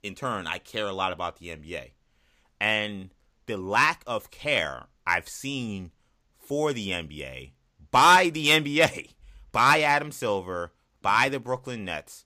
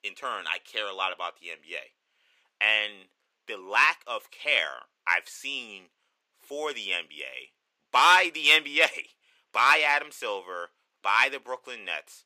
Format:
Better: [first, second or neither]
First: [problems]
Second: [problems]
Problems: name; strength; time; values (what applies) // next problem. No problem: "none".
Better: first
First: none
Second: thin; very; fading below 400 Hz